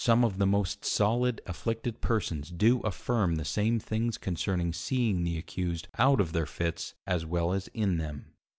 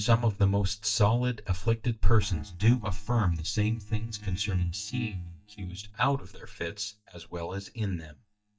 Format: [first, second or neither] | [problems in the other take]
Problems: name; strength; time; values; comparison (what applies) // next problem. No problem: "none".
first | noise reduction (neural mask model DeepFilterNet 3)